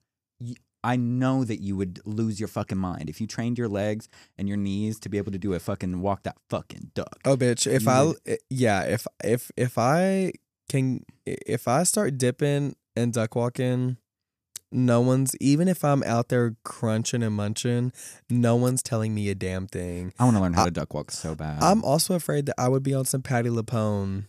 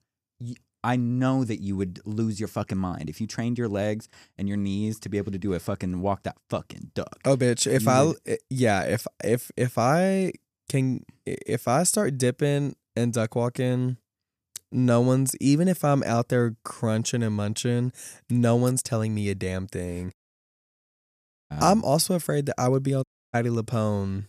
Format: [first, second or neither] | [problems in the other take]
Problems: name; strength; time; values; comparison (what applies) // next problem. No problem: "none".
first | audio cutting out; at 20 s for 1.5 s and at 23 s